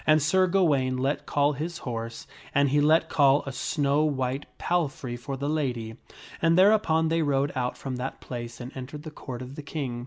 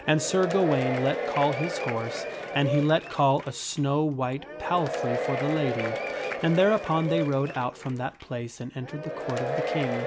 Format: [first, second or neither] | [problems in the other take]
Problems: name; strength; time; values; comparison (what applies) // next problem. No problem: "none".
first | background sound (Applause / Crowd / Cheering); 5 dB below the speech